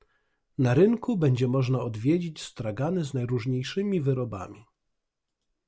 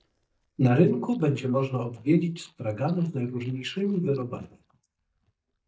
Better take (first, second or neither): first